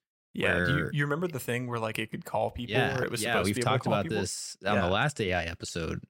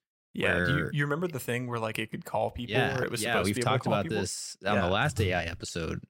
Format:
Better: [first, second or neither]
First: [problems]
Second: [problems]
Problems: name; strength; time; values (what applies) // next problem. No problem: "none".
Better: first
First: none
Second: keyboard typing; noticeable; at 5 s; peak 5 dB below the speech